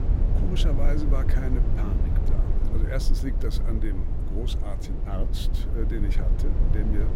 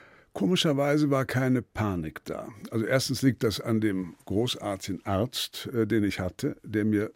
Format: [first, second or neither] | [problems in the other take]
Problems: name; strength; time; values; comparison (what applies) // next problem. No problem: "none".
second | low rumble; loud; throughout; 3 dB below the speech